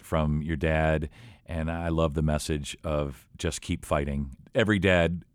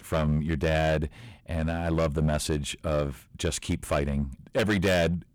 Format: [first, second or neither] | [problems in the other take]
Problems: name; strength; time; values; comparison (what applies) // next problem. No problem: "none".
first | distortion; heavy; 10% of the sound clipped